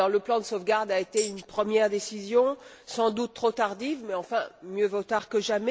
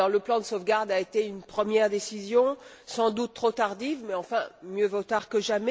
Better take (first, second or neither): second